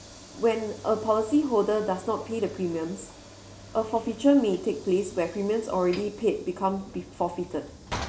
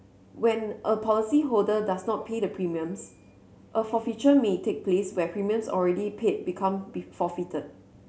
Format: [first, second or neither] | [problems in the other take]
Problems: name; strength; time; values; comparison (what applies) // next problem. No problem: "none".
second | background sound (Sliding door / Train); 17 dB below the speech